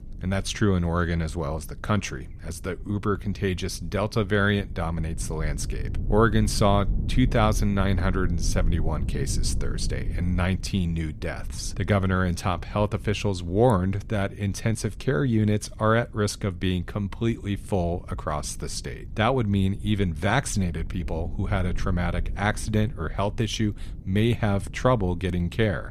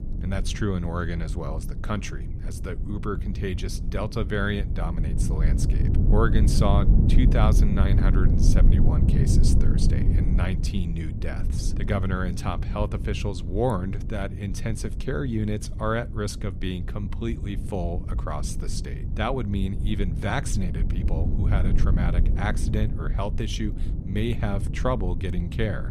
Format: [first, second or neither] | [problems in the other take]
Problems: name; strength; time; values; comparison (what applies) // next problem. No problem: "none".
first | low rumble; loud; throughout; 7 dB below the speech; faint in the first